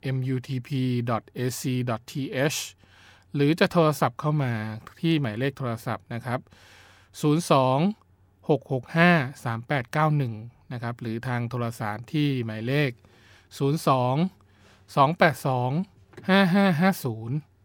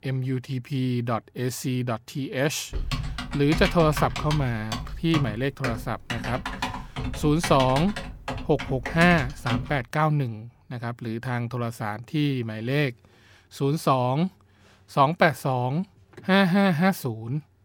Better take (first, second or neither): first